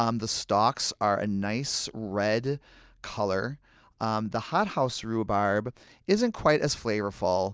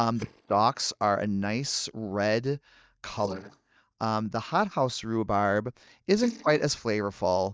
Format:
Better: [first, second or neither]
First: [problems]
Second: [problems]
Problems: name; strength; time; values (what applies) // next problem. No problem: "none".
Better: first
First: none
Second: noise reduction (neural mask model DeepFilterNet 3)